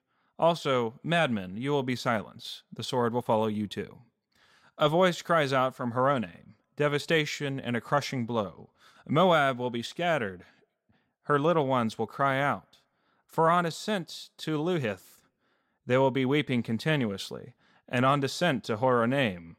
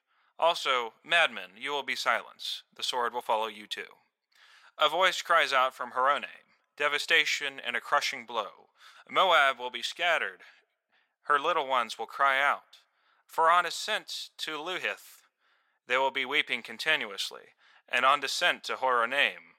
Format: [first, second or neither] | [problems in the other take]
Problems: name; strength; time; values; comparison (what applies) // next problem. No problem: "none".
first | thin; very; fading below 850 Hz